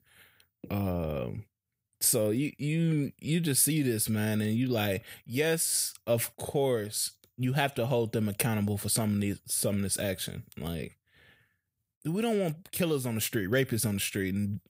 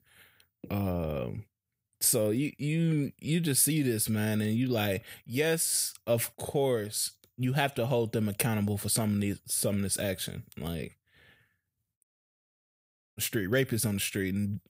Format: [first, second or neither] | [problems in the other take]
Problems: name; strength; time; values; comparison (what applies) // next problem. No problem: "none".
first | audio cutting out; at 12 s for 1 s